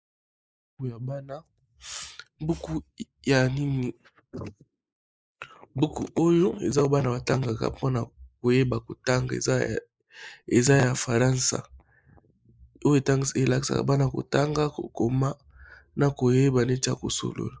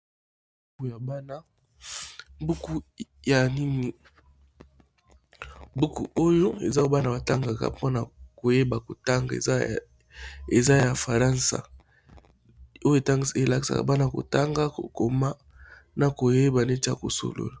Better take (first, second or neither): second